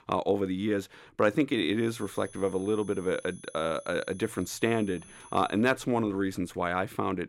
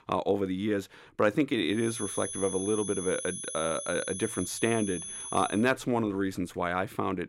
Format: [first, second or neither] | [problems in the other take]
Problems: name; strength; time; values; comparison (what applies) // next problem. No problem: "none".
first | high-pitched whine; loud; from 2 to 5.5 s; 10 kHz, 6 dB below the speech; faint in the first